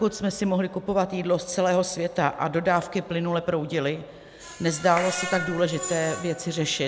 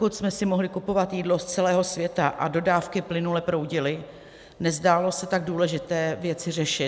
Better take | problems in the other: second | background sound (Screech + Clapping); 14 dB below the speech

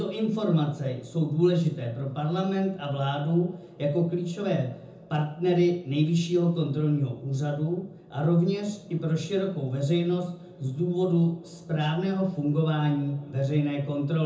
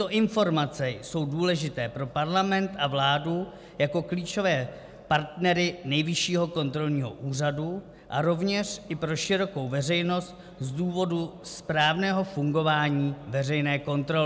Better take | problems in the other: second | room echo; dies away in 0.5 s

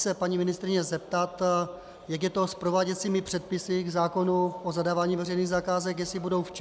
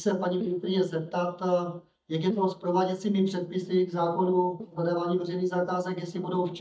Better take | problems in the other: first | noise reduction (neural mask model DeepFilterNet 3)

